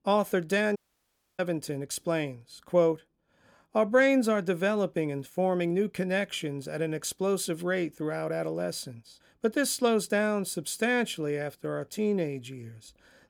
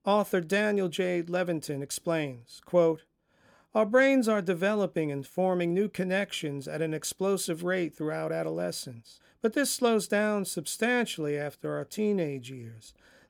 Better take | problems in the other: second | audio cutting out; at 1 s for 0.5 s

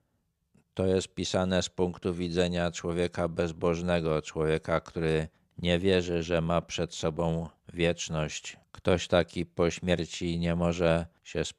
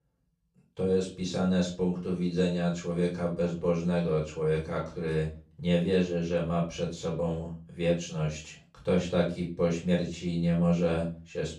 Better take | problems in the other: first | off-mic speech; far // room echo; slight; dies away in 0.3 s

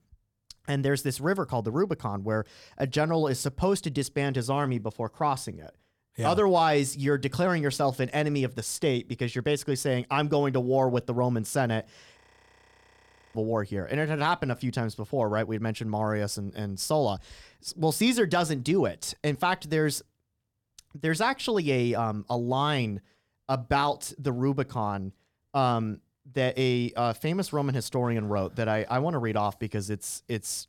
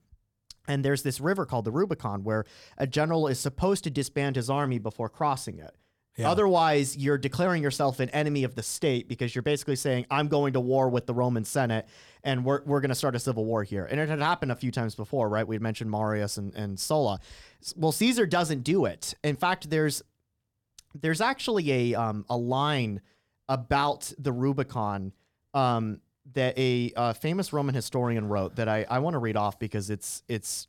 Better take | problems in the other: second | audio freezing; at 12 s for 1 s

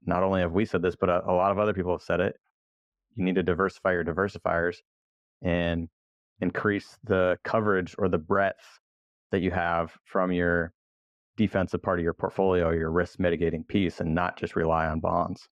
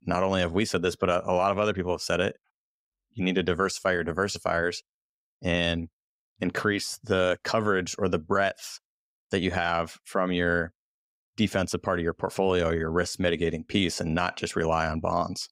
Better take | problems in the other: second | muffled; very; fading above 3.5 kHz

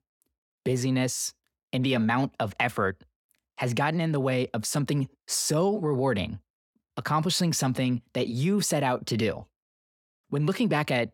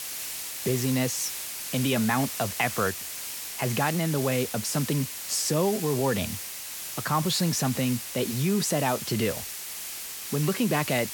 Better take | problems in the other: first | hiss; loud; throughout; 6 dB below the speech

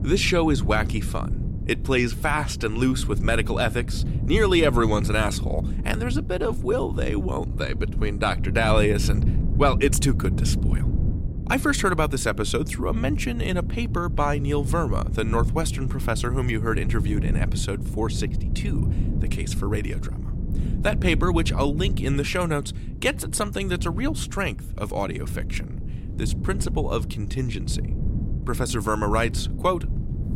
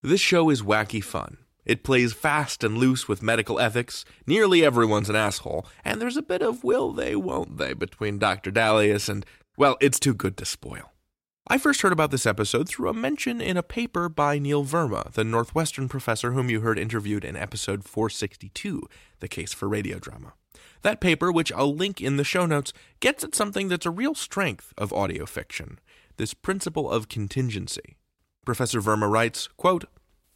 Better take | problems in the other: second | wind noise on the microphone; occasional gusts; 15 dB below the speech

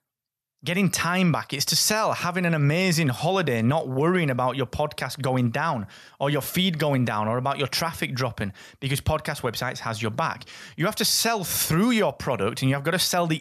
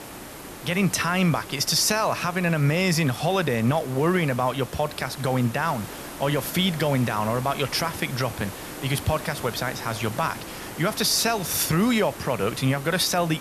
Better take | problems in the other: first | hiss; noticeable; throughout; 15 dB below the speech

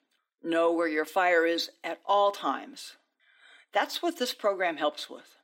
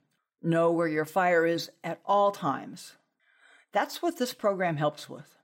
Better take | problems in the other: second | thin; somewhat; fading below 250 Hz

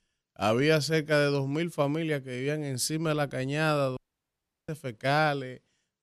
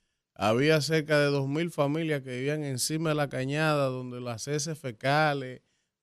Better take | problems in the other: second | audio cutting out; at 4 s for 0.5 s

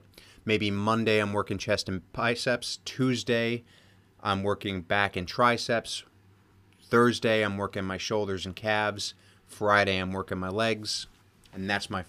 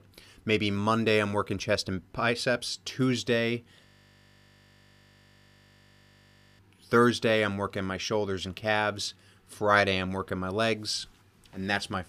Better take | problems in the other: first | audio freezing; at 4 s for 2.5 s

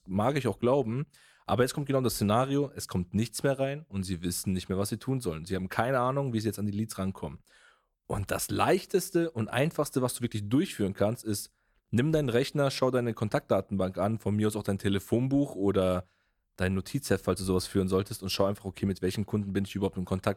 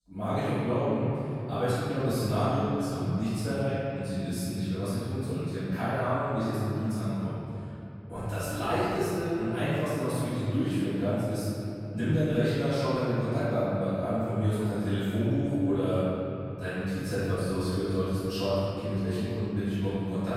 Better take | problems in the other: first | off-mic speech; far // room echo; strong; dies away in 3 s

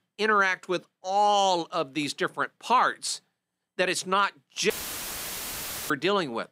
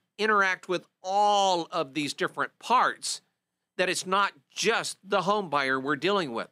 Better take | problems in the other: second | audio cutting out; filled with static; at 4.5 s for 1 s

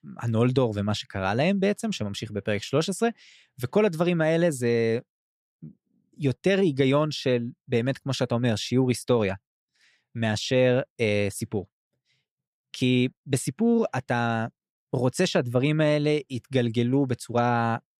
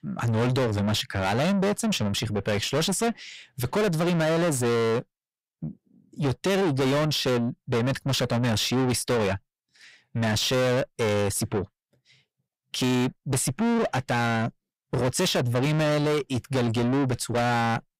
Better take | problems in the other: first | distortion; heavy; 5 dB below the speech

